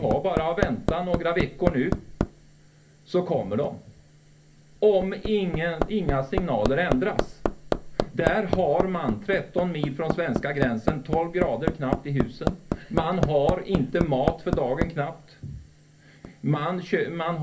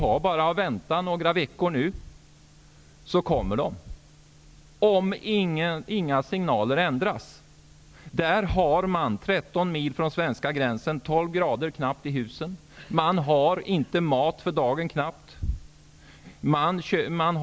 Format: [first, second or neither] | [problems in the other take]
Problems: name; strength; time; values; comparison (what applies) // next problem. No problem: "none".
second | background sound (Hammer); 4 dB below the speech // room echo; dies away in 0.3 s